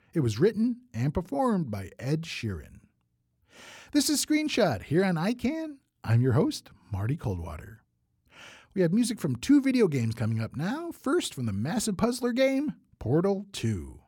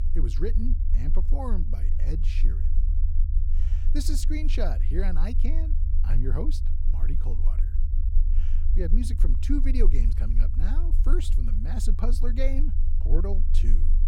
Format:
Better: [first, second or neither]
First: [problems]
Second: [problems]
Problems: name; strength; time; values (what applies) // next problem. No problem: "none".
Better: first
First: none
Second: low rumble; loud; throughout; 10 dB below the speech